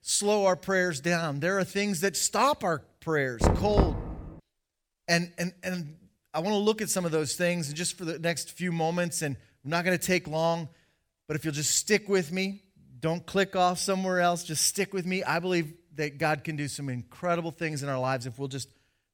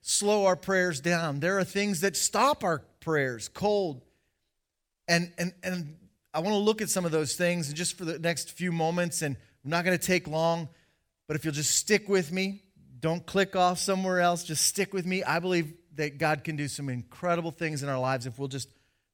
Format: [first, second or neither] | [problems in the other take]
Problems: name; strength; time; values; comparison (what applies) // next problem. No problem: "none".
second | door banging; loud; at 3.5 s; peak 3 dB above the speech